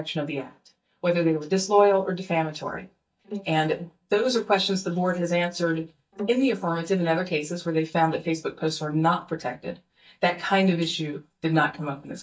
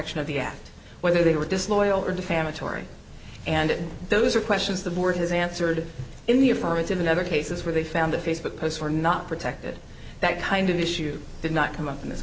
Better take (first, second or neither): second